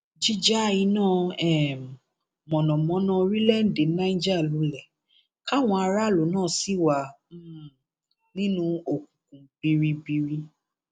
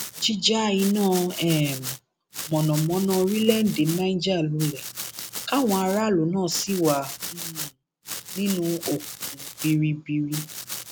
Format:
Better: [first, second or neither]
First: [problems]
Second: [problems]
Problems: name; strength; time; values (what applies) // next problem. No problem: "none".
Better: first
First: none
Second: background sound (Domestic sounds, home sounds); 11 dB below the speech